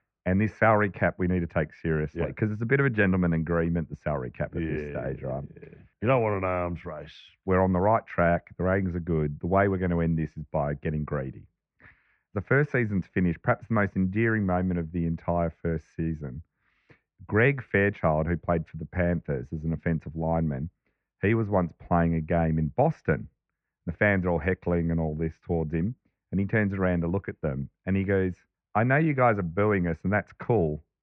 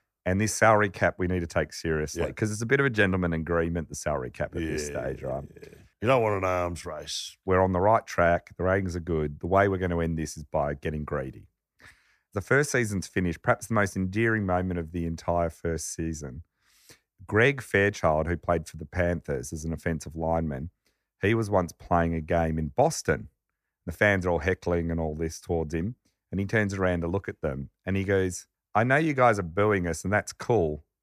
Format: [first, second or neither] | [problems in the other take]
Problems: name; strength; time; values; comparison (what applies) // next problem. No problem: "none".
second | muffled; very; fading above 2.5 kHz